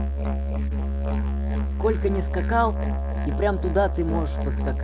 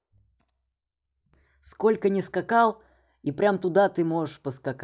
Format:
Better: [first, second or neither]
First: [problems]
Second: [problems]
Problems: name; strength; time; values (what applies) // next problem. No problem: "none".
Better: second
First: background sound (Musical instrument); 3 dB above the speech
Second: none